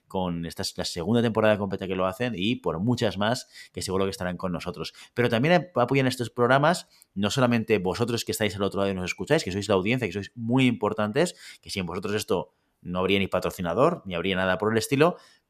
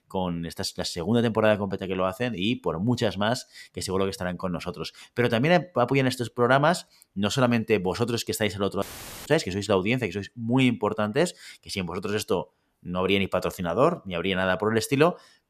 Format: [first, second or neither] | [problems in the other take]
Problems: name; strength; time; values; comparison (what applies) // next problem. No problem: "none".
first | audio cutting out; filled with static; at 9 s